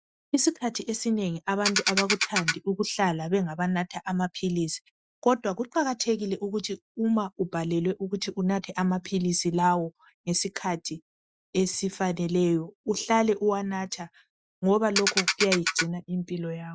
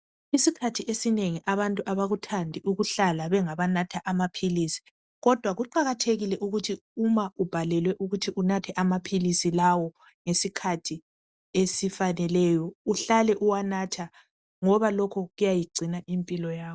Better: second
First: noise reduction (classical method Wiener filter)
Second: none

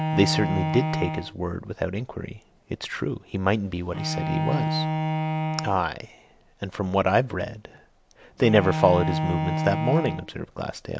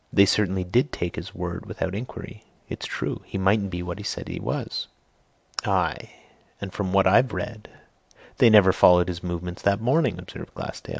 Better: second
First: background sound (Bowed string instrument); 3 dB below the speech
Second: none

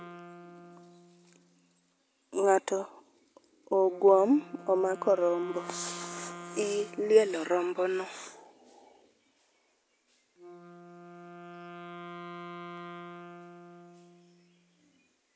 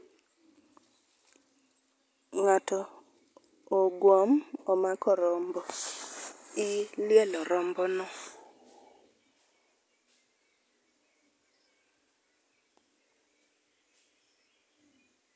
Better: second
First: background sound (Wind instrument, woodwind instrument); 16 dB below the speech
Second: none

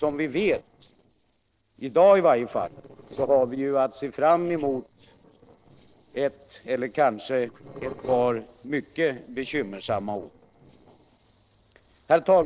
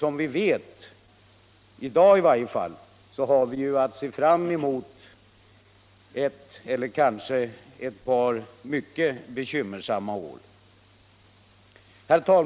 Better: second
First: noise reduction (neural separator model SepFormer DNS4)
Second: none

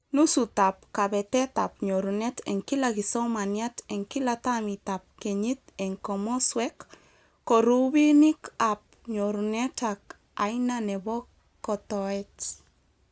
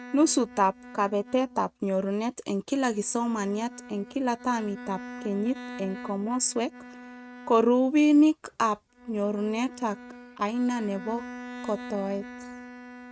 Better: first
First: none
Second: noise reduction (neural mask model RNNoise)

